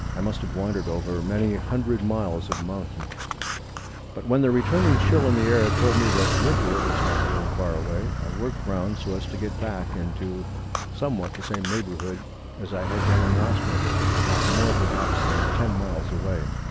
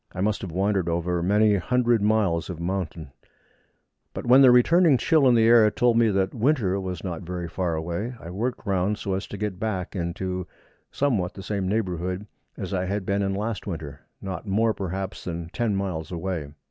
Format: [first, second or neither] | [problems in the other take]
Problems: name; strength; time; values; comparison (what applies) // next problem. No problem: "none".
second | background sound (Car); 2 dB above the speech